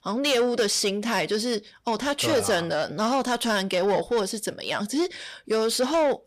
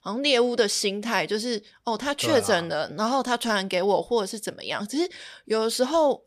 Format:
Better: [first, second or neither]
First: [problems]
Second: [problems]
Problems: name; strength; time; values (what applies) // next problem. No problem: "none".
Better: second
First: distortion; slight; 10 dB below the speech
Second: none